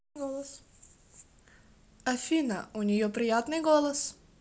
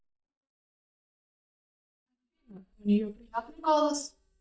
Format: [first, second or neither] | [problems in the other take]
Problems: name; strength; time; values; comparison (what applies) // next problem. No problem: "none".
first | noise reduction (neural mask model DeepFilterNet 3)